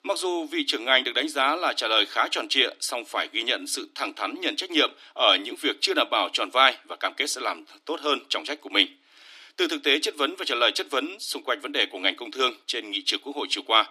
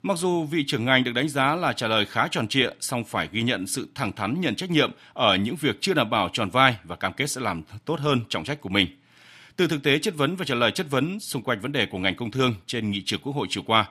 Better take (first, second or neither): second